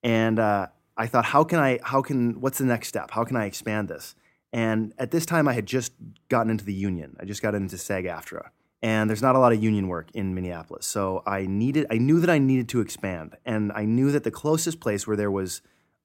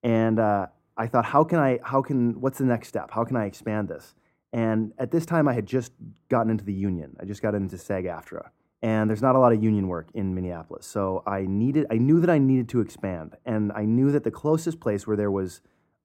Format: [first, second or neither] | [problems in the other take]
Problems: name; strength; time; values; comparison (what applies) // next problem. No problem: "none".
first | muffled; slightly; fading above 1.5 kHz